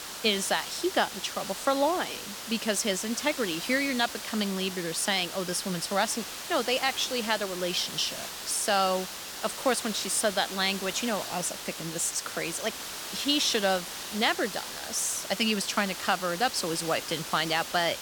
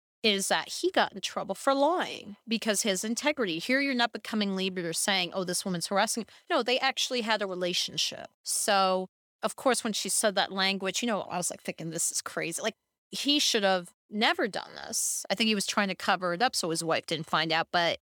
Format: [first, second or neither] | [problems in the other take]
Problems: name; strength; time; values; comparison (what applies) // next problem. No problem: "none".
second | hiss; loud; throughout; 8 dB below the speech